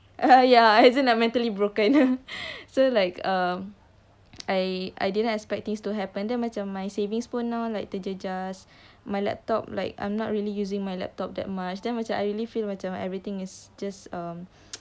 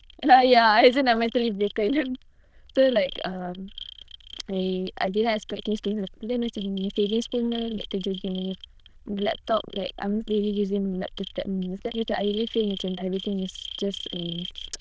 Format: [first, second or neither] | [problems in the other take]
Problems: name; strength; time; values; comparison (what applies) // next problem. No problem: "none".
first | noise reduction (neural diffusion model UNIVERSE++)